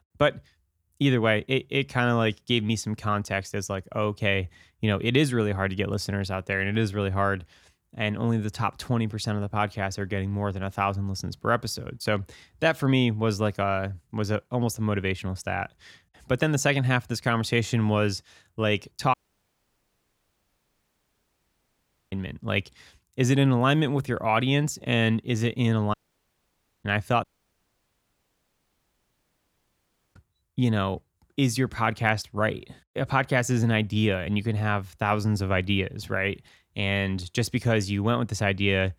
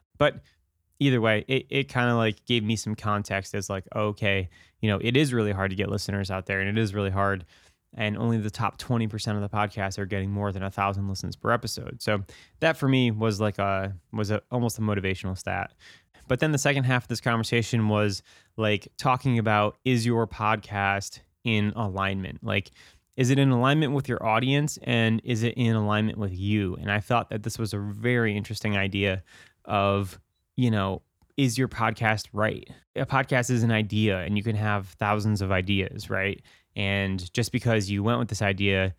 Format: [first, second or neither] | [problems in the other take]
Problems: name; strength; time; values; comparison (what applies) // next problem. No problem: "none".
second | audio cutting out; at 19 s for 3 s, at 26 s for 1 s and at 27 s for 3 s